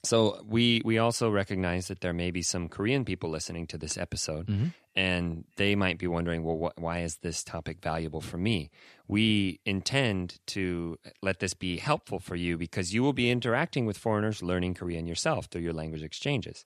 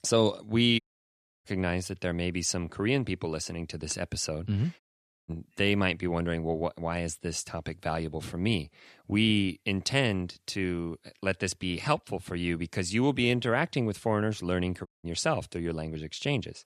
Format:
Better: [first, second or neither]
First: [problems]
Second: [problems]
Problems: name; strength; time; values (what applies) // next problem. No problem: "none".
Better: first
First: none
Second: audio cutting out; at 1 s for 0.5 s, at 5 s and at 15 s